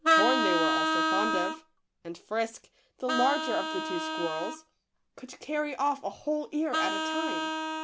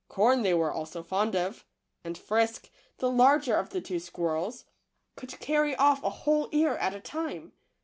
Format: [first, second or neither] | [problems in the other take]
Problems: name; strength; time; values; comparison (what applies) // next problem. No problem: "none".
second | background sound (Vehicle horn, car horn, honking); 2 dB above the speech